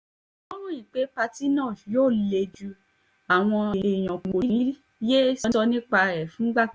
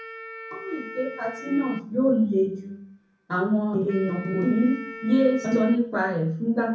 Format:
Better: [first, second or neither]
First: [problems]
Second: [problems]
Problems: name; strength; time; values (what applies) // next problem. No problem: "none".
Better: first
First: none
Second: background sound (Wind instrument, woodwind instrument); 16 dB below the speech // room echo; dies away in 0.6 s